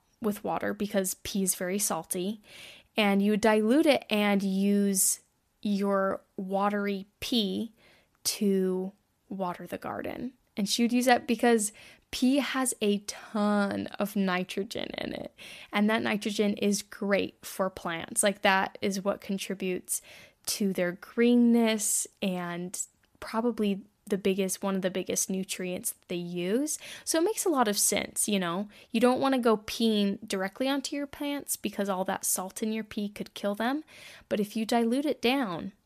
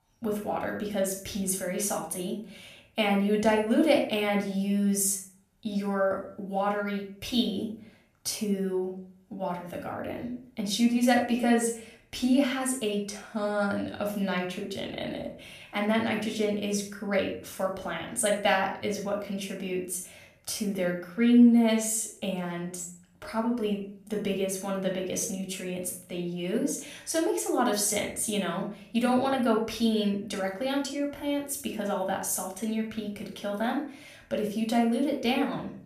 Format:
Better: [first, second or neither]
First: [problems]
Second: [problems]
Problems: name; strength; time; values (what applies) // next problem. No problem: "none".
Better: first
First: none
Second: off-mic speech; somewhat distant // room echo; noticeable; dies away in 0.5 s